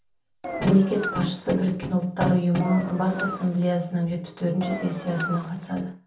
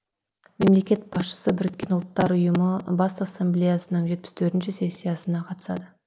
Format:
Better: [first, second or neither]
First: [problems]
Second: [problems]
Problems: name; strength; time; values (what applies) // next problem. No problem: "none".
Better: second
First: background sound (Engine); 10 dB below the speech // room echo; dies away in 0.3 s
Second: none